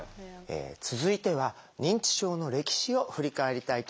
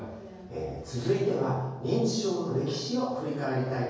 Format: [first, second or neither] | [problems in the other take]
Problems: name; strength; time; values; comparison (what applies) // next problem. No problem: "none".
first | room echo; dies away in 1.3 s